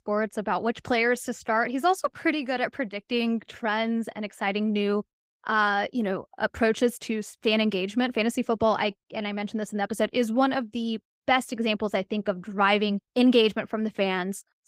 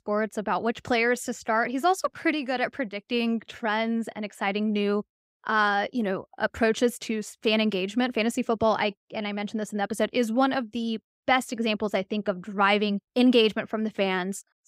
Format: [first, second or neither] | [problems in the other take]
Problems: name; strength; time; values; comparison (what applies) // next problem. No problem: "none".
second | garbled, watery; slightly; nothing above 15.5 kHz